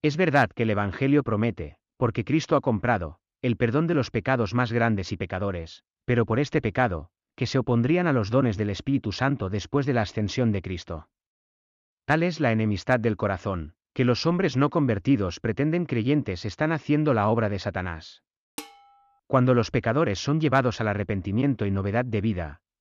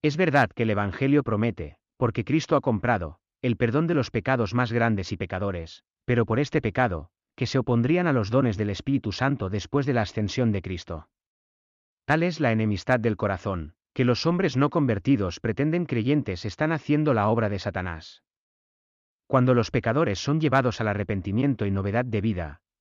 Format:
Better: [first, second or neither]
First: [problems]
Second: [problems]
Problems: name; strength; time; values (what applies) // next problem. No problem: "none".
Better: second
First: clattering dishes; faint; at 19 s; peak 15 dB below the speech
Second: none